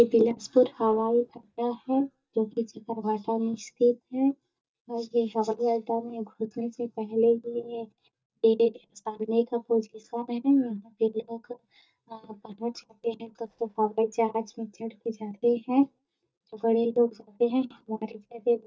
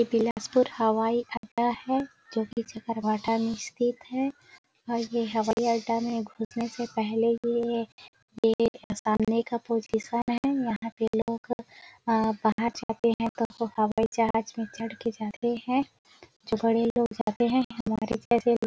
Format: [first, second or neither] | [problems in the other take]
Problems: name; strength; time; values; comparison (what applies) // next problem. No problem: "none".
second | noise reduction (neural mask model DeepFilterNet 3)